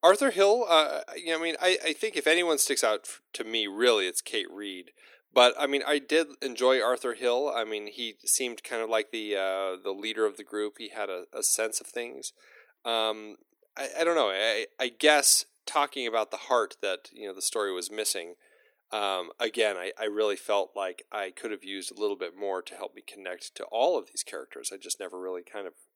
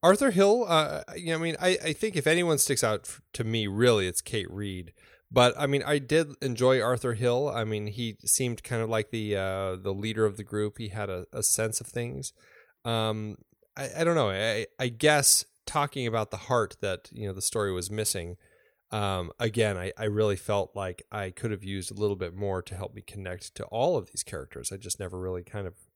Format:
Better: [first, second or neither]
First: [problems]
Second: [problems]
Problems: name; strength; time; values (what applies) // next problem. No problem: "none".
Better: second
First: thin; somewhat; fading below 300 Hz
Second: none